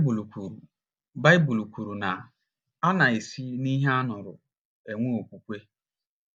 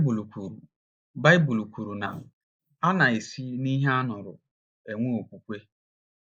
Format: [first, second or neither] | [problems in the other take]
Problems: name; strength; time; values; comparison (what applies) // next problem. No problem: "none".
first | noise reduction (neural mask model Resemble Enhance denoiser)